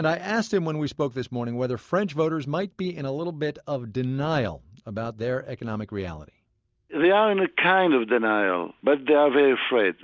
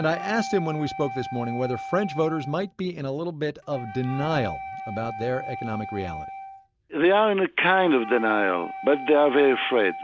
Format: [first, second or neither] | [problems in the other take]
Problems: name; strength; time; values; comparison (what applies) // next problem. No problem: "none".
first | background sound (Wind instrument, woodwind instrument); 11 dB below the speech